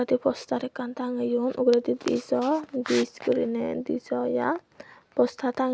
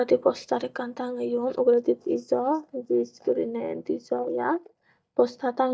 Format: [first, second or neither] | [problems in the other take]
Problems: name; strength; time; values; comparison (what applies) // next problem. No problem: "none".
first | noise reduction (neural mask model DeepFilterNet 3)